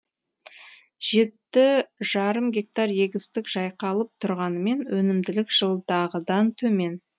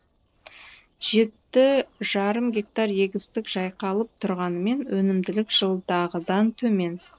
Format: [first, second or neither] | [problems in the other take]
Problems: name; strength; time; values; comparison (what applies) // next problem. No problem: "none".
first | noise reduction (neural separator model SepFormer DNS4)